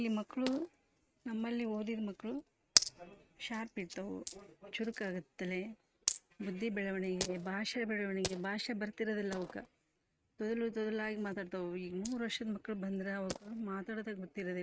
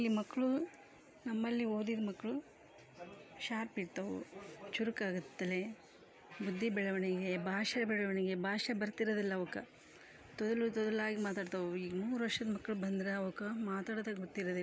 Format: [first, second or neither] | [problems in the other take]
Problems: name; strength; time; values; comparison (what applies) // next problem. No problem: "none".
second | noise reduction (neural mask model RNNoise)